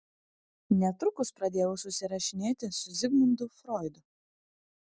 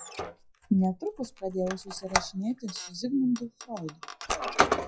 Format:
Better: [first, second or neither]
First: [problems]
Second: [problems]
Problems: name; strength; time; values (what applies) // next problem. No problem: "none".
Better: first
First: none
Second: noise reduction (classical method WPE with log-MMSE)